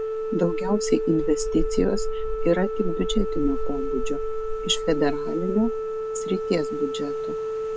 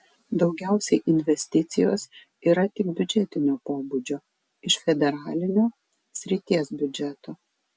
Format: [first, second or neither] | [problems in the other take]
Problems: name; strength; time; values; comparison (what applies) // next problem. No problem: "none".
second | background sound (Rain + Organ); as loud as the speech